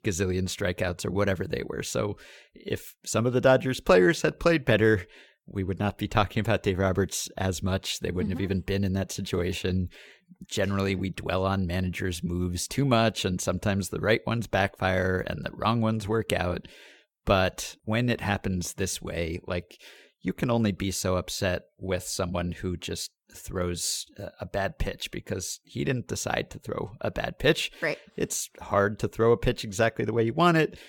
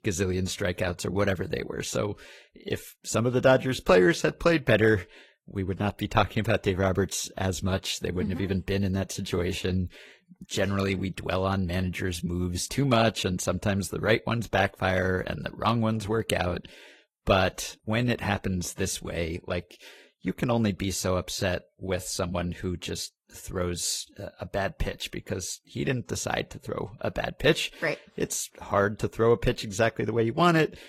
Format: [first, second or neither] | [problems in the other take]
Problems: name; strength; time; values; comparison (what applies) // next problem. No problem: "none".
first | garbled, watery; slightly; nothing above 14.5 kHz